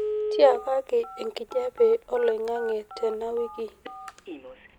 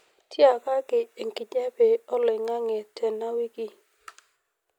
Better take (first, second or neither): second